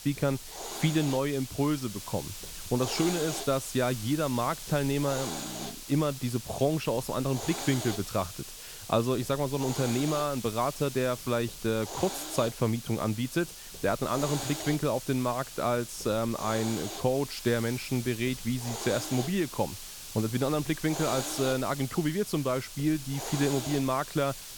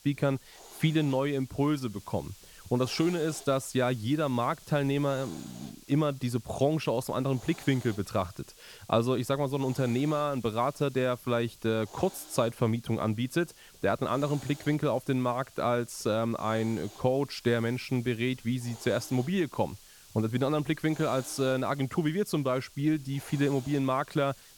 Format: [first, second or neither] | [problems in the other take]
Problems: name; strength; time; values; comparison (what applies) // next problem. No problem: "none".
second | hiss; loud; throughout; 8 dB below the speech; faint in the second